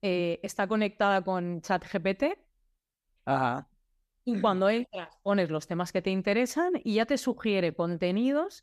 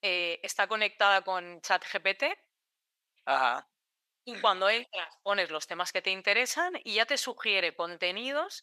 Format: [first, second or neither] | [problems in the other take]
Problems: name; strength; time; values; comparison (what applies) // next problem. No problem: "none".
first | thin; very; fading below 750 Hz